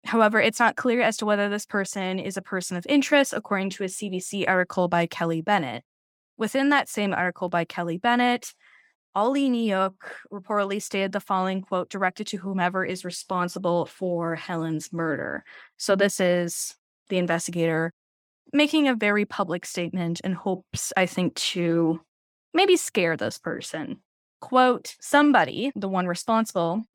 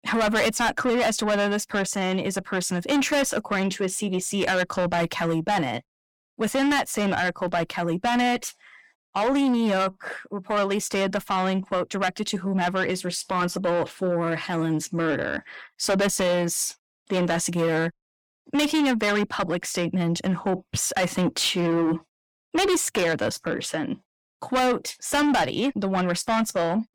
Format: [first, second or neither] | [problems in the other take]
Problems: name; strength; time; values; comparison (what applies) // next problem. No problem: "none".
first | distortion; heavy; 6 dB below the speech